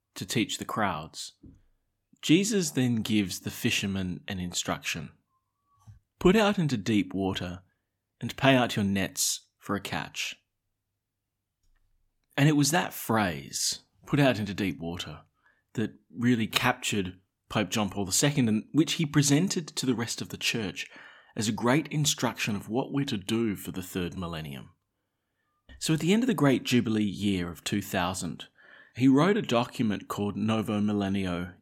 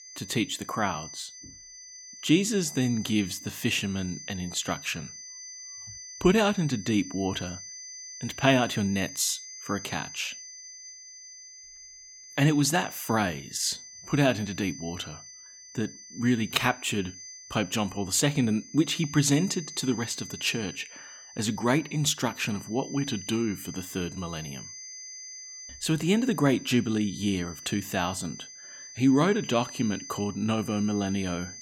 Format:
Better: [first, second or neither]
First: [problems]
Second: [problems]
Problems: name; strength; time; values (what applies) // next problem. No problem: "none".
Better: first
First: none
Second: high-pitched whine; noticeable; throughout; 6 kHz, 15 dB below the speech